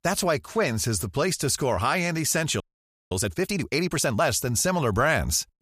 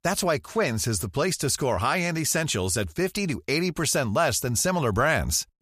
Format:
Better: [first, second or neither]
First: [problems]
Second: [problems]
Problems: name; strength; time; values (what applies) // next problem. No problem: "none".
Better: second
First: audio freezing; at 2.5 s for 0.5 s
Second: none